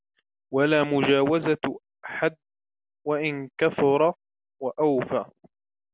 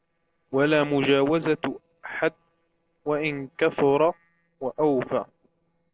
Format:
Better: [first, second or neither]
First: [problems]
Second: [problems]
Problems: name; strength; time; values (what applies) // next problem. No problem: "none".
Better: first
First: none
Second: noise reduction (neural separator model SepFormer DNS4)